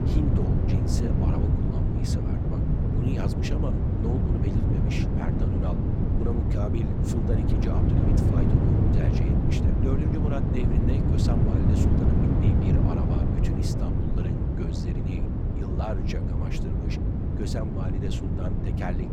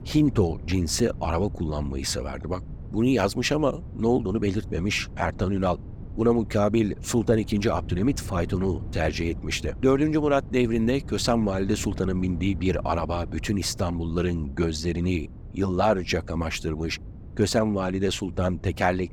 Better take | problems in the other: second | wind noise on the microphone; heavy; 4 dB above the speech; occasional gusts in the second

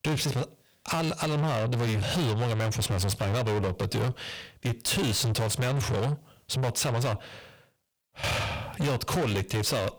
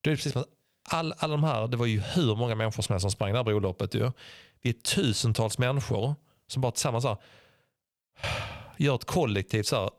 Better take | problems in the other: second | distortion; heavy; 6 dB below the speech

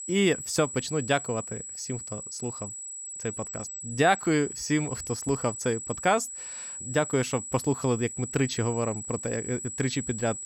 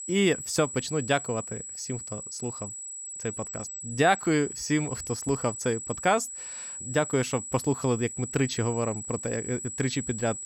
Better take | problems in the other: neither | high-pitched whine; loud; throughout; 8 kHz, 7 dB below the speech; the same in both

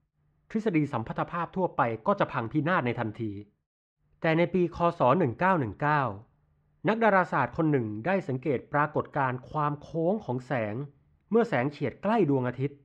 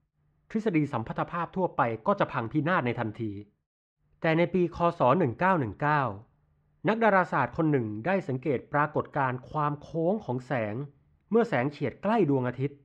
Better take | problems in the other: neither | muffled; very; fading above 2 kHz; the same in both

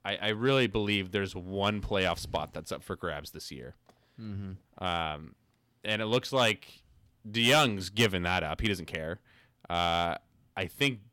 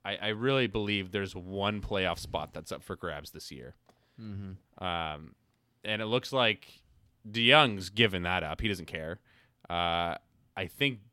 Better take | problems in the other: second | distortion; slight; 1% of the sound clipped

